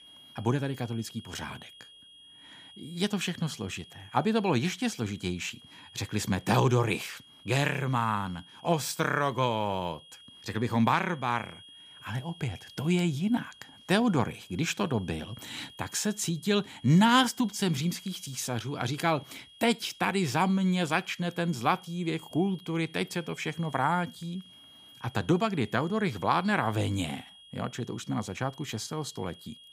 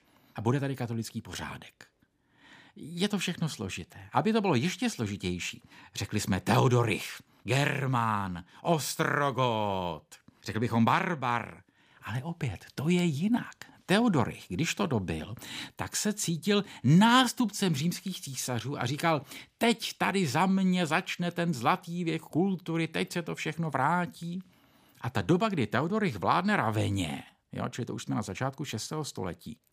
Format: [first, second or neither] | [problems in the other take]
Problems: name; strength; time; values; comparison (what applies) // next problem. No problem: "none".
second | high-pitched whine; faint; throughout; 3.5 kHz, 20 dB below the speech